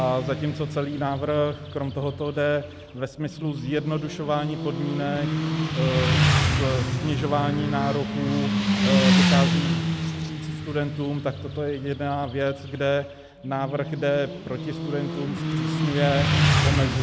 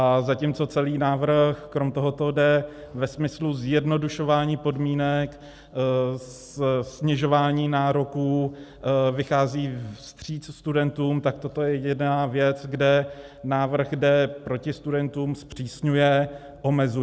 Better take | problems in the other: second | background sound (Motorcycle); 2 dB above the speech

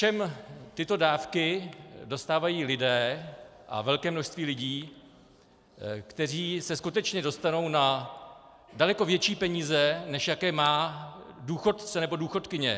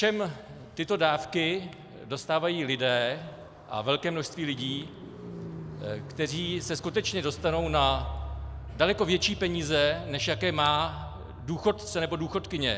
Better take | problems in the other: first | background sound (Car); 12 dB below the speech

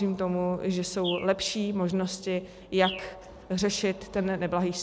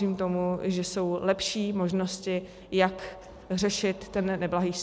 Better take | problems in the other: second | background sound (Bird); 15 dB below the speech

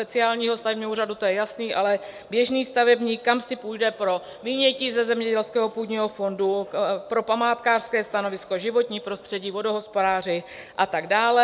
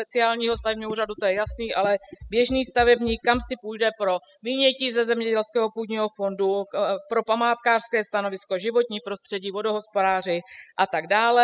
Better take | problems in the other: first | noise reduction (classical method spectral subtraction)

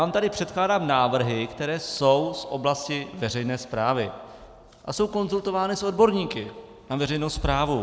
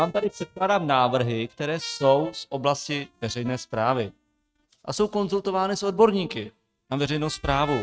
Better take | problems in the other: first | noise reduction (neural mask model RNNoise)

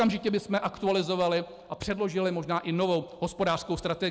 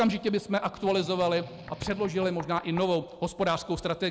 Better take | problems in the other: first | background sound (Strum + Knock); 17 dB below the speech

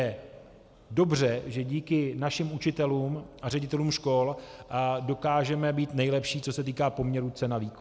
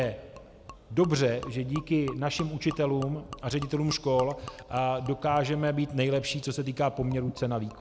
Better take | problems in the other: first | background sound (Gurgling / Liquid); 17 dB below the speech

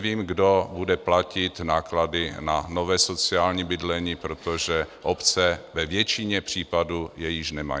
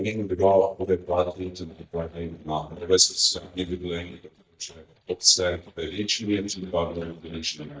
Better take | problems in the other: first | noise reduction (neural mask model DeepFilterNet 3)

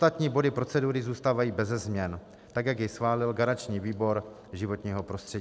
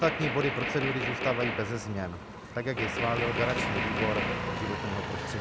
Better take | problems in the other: first | background sound (Engine + Gunshot, gunfire); as loud as the speech

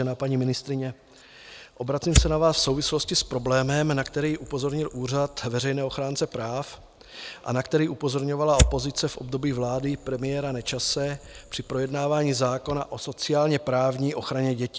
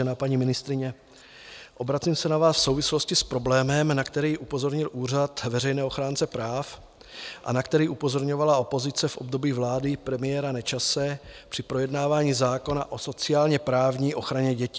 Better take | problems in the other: second | background sound (Fire); 5 dB below the speech

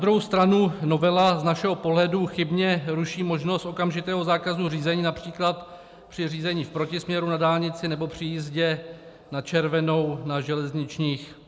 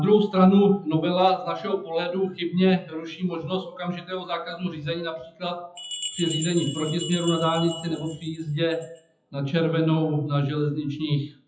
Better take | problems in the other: first | noise reduction (classical method WPE with log-MMSE)

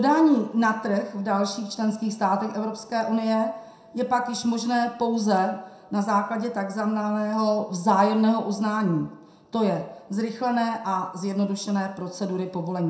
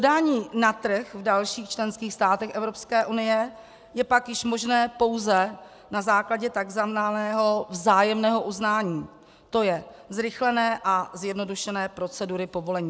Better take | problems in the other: second | room echo; dies away in 0.5 s

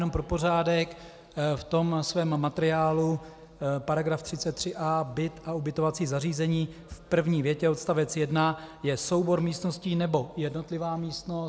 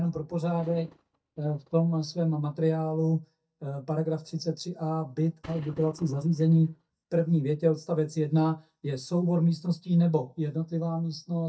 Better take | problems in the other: first | noise reduction (neural mask model DeepFilterNet 3)

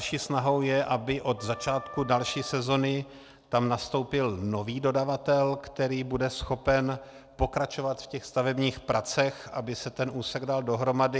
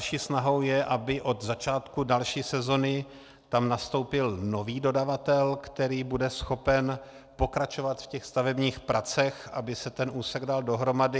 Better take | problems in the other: second | background sound (Wind instrument, woodwind instrument); 17 dB below the speech

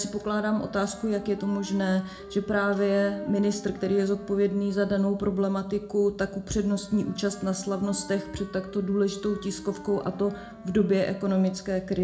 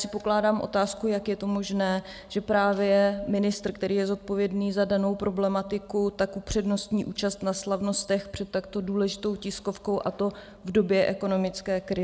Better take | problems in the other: second | background sound (Wind instrument, woodwind instrument); 18 dB below the speech // room echo; dies away in 0.3 s

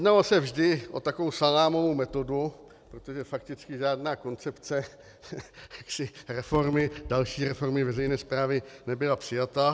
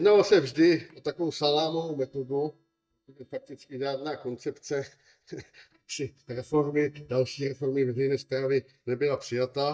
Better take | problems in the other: first | noise reduction (neural mask model DeepFilterNet 3)

